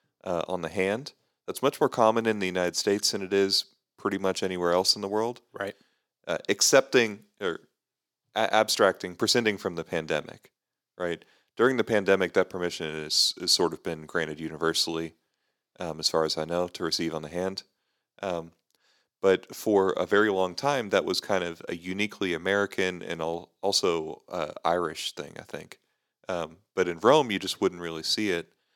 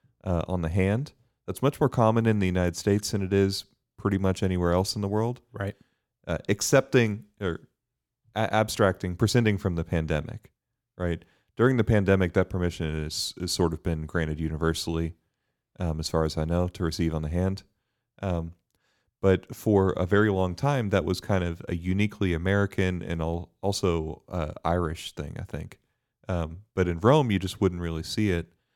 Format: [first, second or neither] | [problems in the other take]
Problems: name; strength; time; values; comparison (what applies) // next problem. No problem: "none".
second | thin; somewhat; fading below 350 Hz